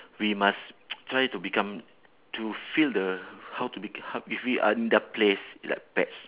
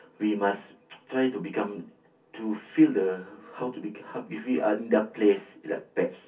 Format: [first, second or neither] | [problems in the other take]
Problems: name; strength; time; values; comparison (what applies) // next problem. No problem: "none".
first | room echo; dies away in 0.3 s